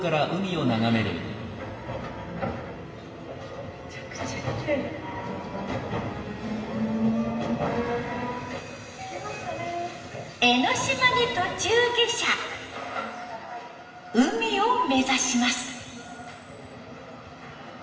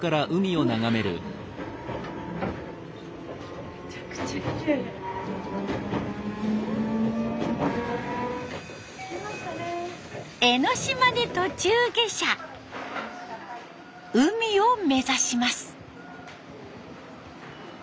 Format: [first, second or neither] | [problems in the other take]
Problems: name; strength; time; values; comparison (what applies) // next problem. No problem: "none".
second | room echo; dies away in 2.4 s